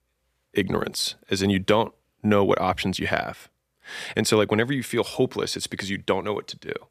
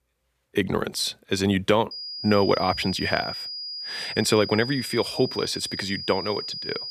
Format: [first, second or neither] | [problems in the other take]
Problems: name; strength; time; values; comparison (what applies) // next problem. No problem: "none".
first | high-pitched whine; loud; from 2 s on; 5 kHz, 7 dB below the speech